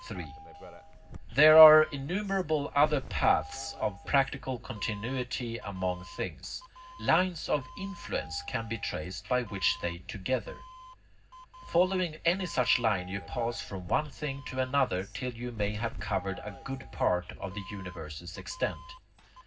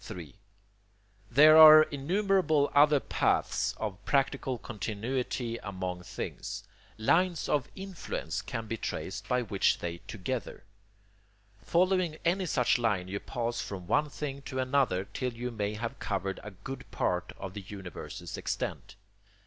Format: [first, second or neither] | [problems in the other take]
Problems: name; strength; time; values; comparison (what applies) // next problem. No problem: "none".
second | background sound (Doorbell); 16 dB below the speech // room echo; dies away in 0.4 s